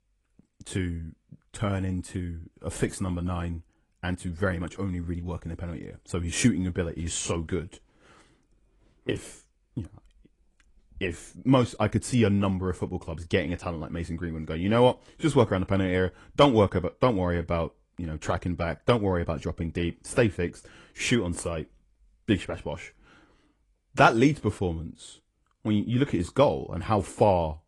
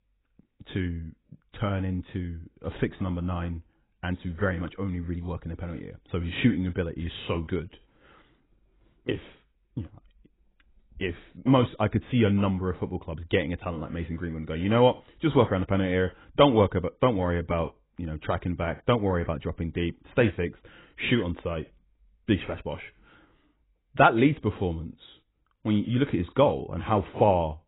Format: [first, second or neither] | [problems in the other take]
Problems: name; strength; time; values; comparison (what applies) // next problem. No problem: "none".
first | garbled, watery; badly; nothing above 3.5 kHz; slightly in the first